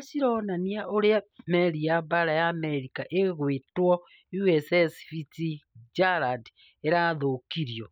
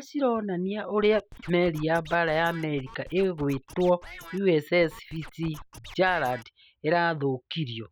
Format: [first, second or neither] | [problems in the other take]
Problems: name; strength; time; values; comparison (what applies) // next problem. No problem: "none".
first | background sound (Scratching (performance technique)); 18 dB below the speech